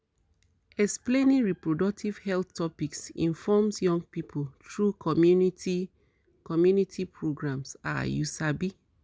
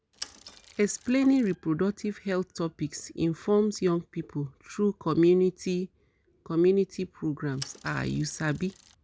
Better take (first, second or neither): first